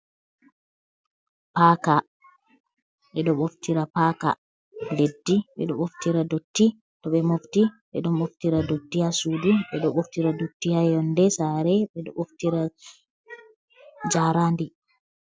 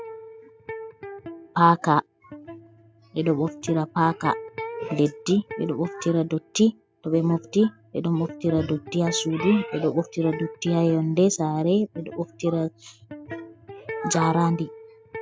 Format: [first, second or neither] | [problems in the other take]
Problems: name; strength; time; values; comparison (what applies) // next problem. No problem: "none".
first | background sound (Electric guitar); 14 dB below the speech